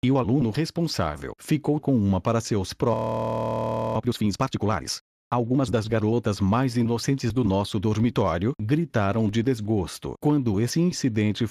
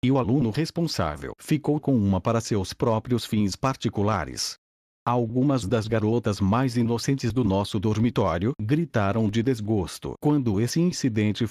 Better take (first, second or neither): second